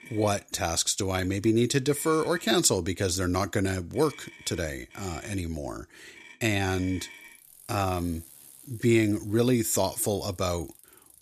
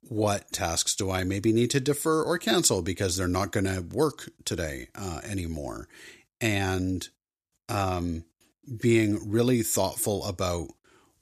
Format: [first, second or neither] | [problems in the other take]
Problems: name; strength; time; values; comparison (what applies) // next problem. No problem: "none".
second | traffic noise; faint; throughout; 20 dB below the speech